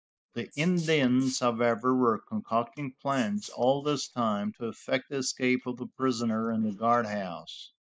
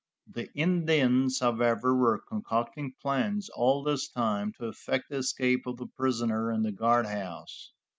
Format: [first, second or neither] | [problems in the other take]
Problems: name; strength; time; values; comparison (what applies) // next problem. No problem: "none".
second | noise reduction (neural mask model Resemble Enhance denoiser)